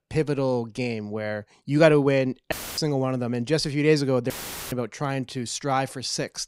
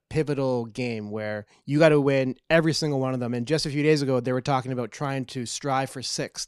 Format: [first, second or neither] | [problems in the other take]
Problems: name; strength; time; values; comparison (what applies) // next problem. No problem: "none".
second | audio cutting out; filled with static; at 2.5 s and at 4.5 s